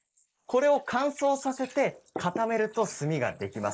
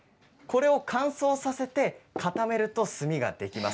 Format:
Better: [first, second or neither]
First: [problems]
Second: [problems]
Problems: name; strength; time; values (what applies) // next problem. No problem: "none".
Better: second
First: noise reduction (neural mask model Resemble Enhance denoiser)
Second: none